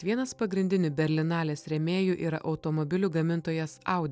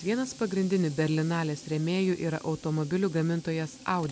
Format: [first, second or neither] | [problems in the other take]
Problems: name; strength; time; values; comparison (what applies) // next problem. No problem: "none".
first | background sound (Tools); 19 dB below the speech